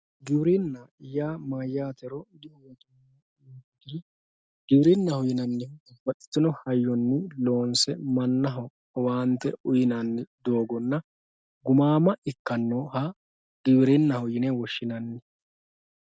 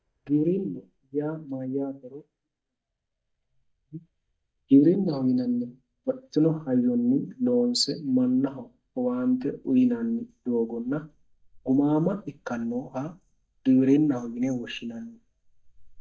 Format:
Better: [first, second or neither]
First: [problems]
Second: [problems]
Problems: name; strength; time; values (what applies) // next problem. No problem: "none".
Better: first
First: none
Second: noise reduction (neural mask model DeepFilterNet 3)